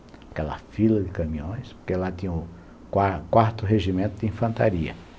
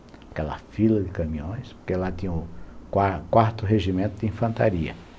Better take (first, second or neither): first